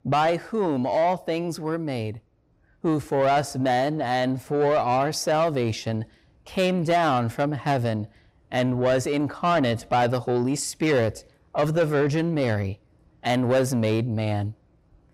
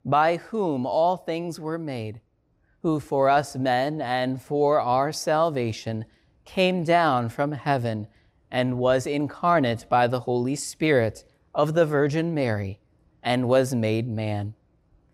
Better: second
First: distortion; slight; 10 dB below the speech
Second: none

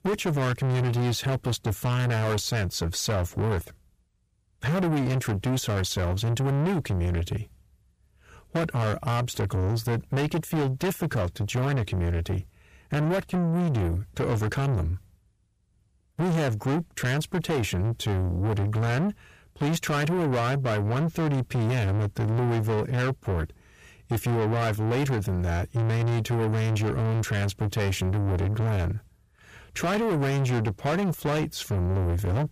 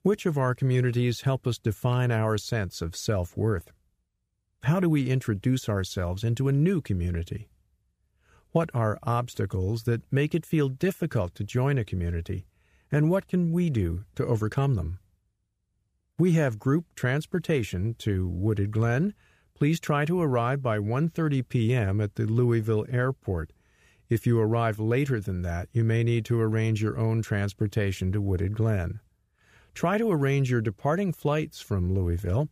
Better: second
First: distortion; heavy; 7 dB below the speech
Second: none

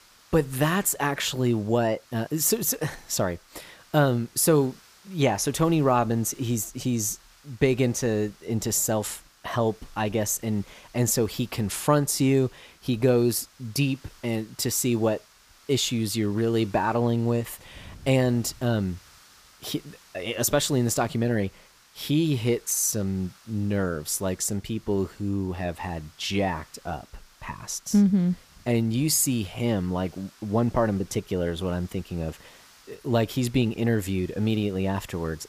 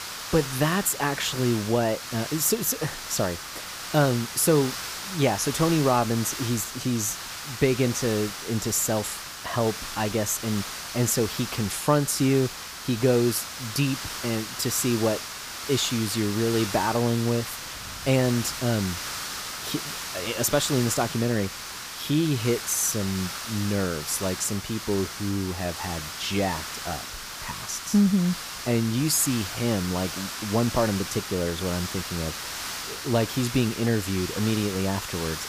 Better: first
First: hiss; faint; throughout; 25 dB below the speech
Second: hiss; loud; throughout; 7 dB below the speech

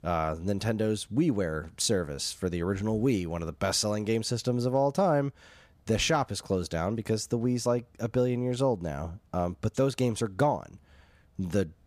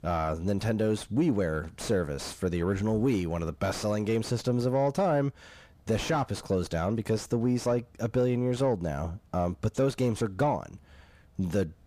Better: first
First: none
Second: distortion; slight; 10 dB below the speech

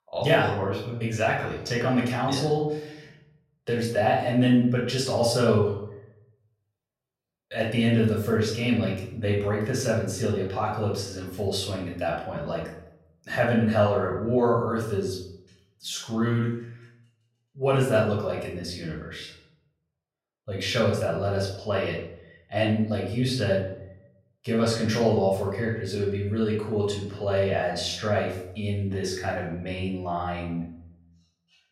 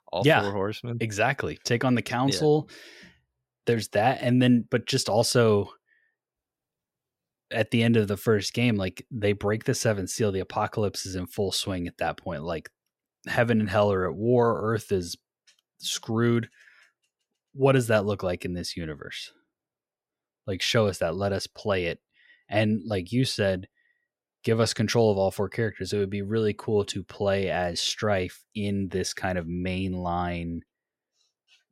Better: second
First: off-mic speech; far // room echo; noticeable; dies away in 0.6 s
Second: none

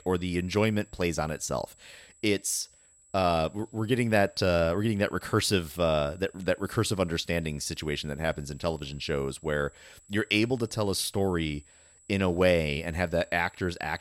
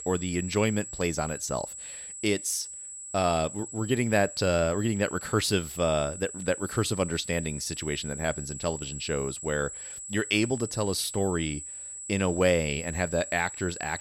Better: first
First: high-pitched whine; faint; throughout; 8 kHz, 30 dB below the speech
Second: high-pitched whine; loud; throughout; 8 kHz, 9 dB below the speech

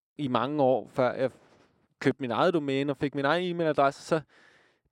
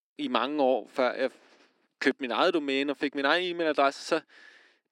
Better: first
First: none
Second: thin; very slightly; fading below 250 Hz

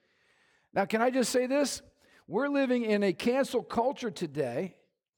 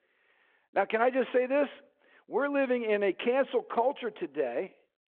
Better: first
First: none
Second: phone-call audio

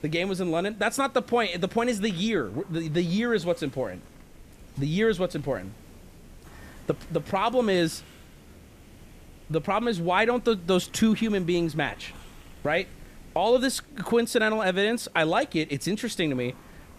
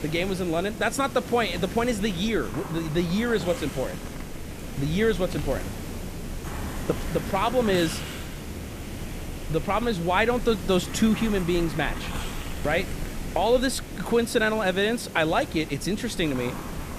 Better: first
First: hiss; faint; throughout; 25 dB below the speech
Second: hiss; loud; throughout; 10 dB below the speech

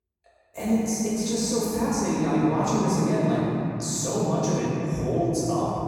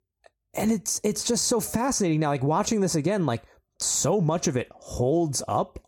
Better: second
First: room echo; strong; dies away in 2.9 s // off-mic speech; far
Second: none

